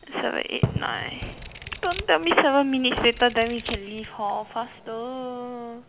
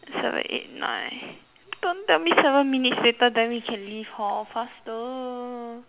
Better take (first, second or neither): second